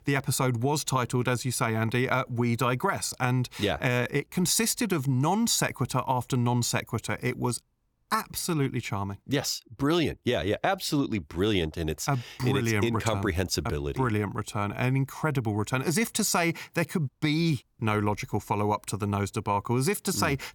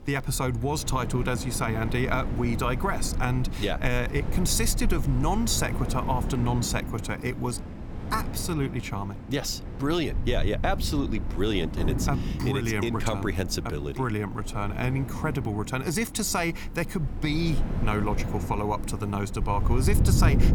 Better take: first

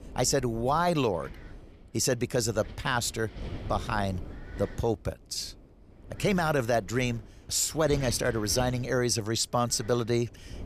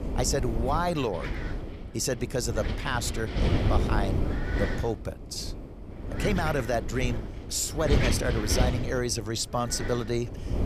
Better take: first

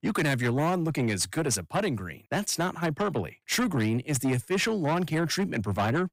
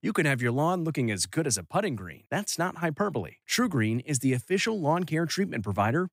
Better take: second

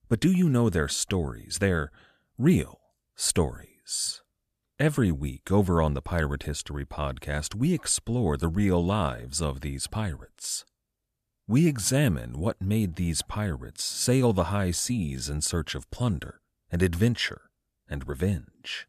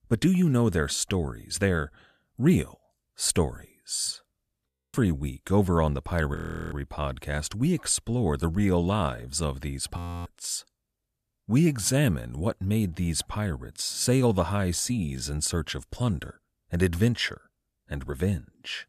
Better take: first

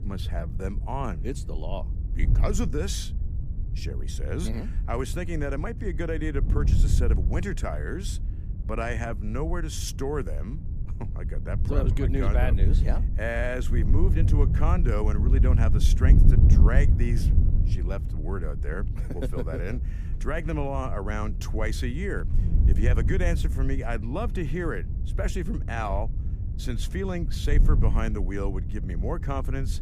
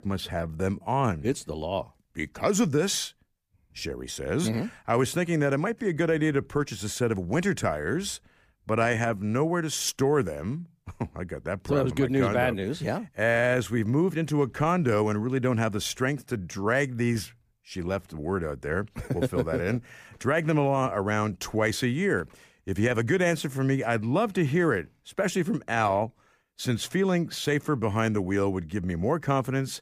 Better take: second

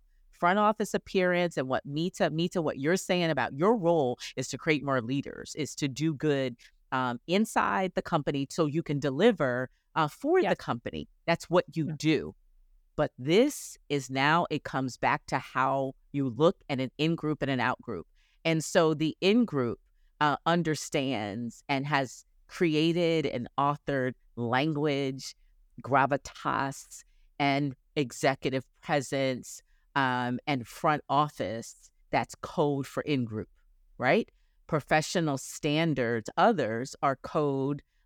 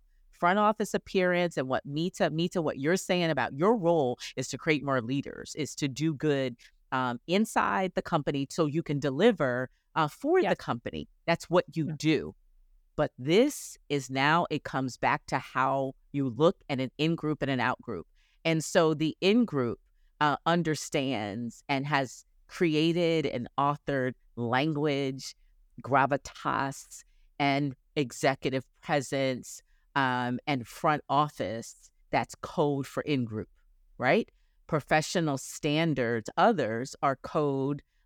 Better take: neither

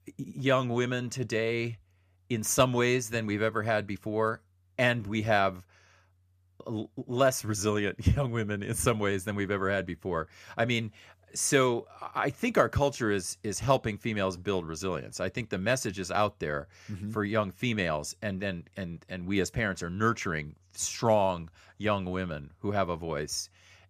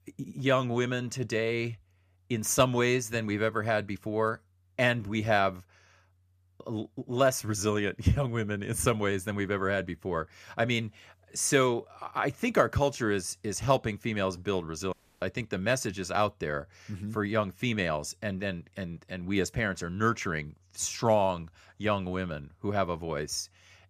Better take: first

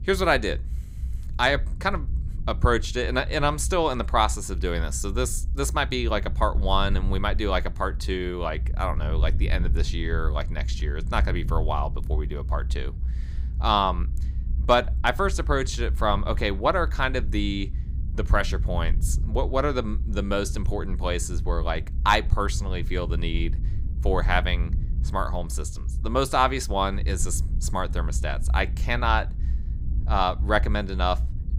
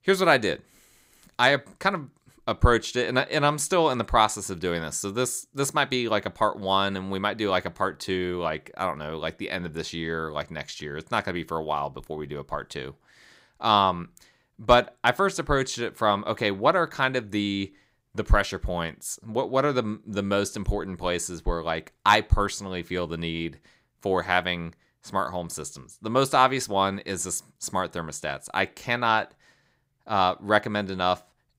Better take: second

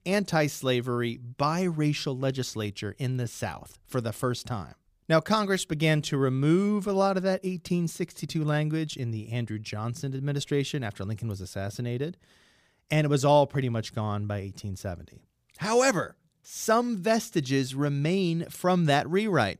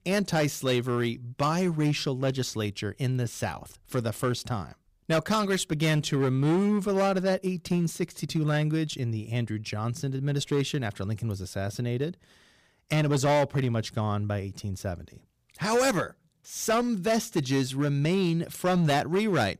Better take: first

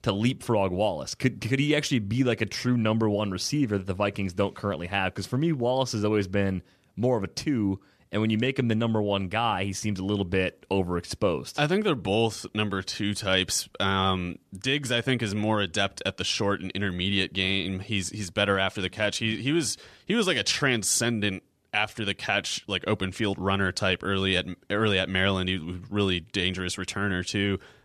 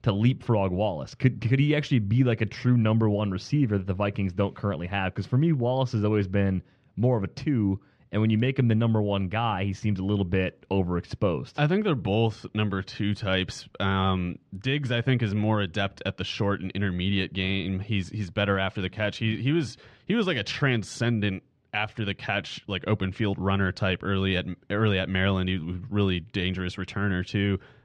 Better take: first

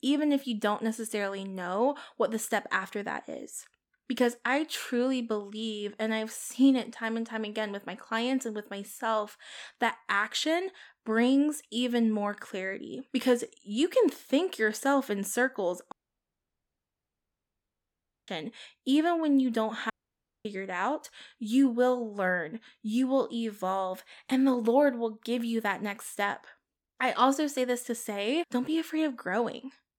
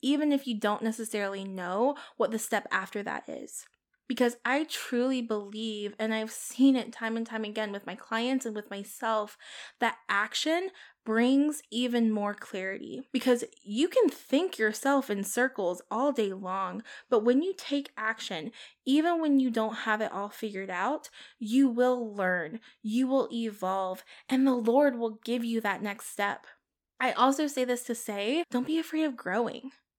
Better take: second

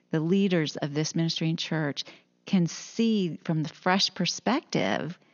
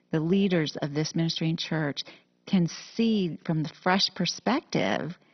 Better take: first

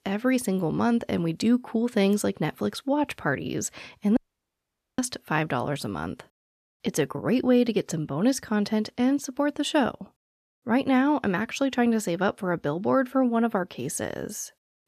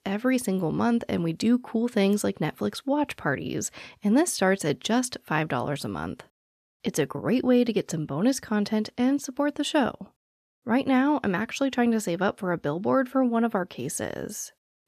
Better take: second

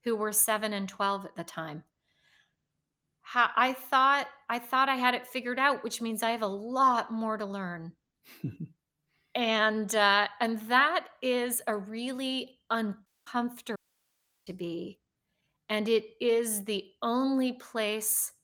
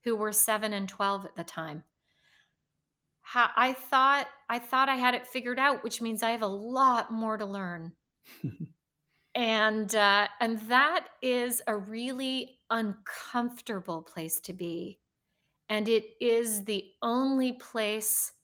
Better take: second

